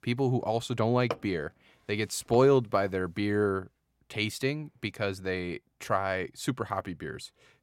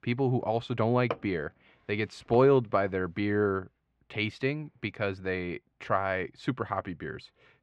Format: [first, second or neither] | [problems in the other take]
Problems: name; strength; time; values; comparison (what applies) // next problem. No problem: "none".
first | muffled; slightly; fading above 2.5 kHz